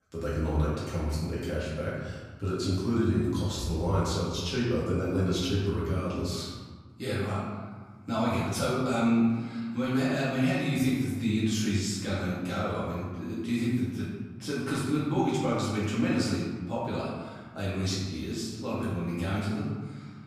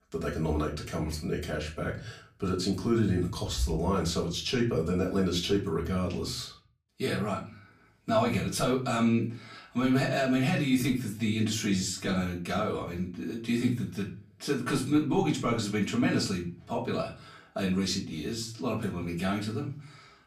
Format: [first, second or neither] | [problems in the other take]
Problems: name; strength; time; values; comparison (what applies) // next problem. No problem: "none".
second | room echo; strong; dies away in 1.4 s; slight in the second // off-mic speech; far; far in the second